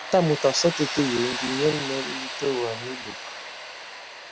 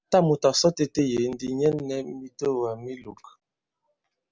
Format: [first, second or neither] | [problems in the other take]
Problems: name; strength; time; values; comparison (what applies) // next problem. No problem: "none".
second | background sound (Tools); 7 dB below the speech